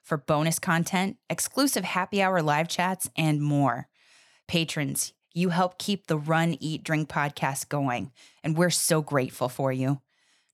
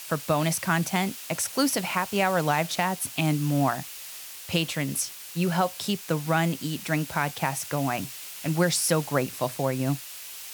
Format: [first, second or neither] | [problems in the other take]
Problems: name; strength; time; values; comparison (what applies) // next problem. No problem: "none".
first | hiss; noticeable; throughout; 10 dB below the speech